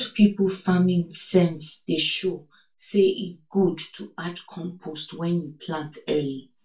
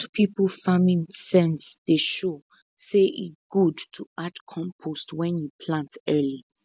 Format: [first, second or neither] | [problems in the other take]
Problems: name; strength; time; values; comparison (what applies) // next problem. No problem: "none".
second | room echo; dies away in 0.2 s